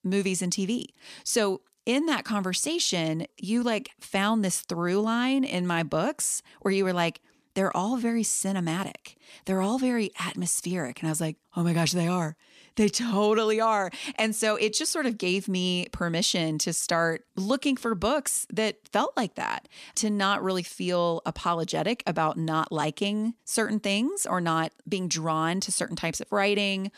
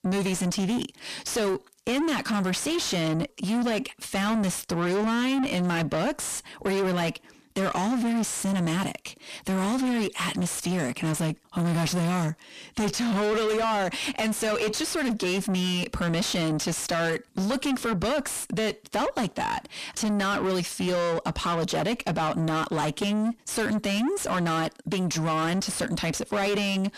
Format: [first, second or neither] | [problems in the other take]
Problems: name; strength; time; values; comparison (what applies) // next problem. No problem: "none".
first | distortion; heavy; 6 dB below the speech